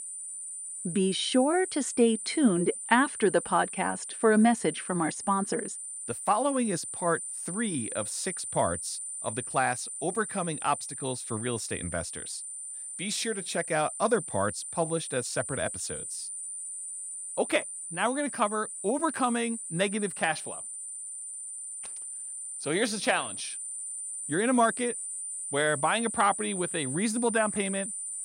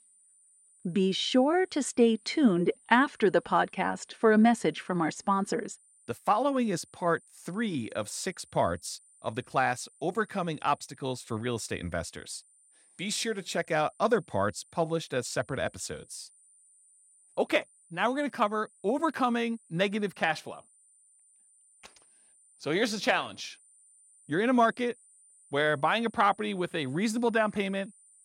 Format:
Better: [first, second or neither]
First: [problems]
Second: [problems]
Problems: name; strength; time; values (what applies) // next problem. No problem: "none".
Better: second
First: high-pitched whine; loud; throughout; 9 kHz, 6 dB below the speech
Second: high-pitched whine; faint; throughout; 9 kHz, 30 dB below the speech